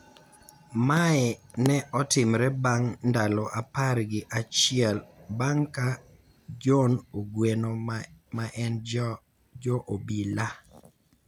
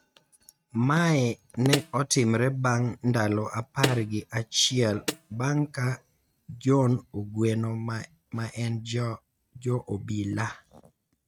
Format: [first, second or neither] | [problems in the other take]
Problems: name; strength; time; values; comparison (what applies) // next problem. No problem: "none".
first | noise reduction (neural mask model RNNoise)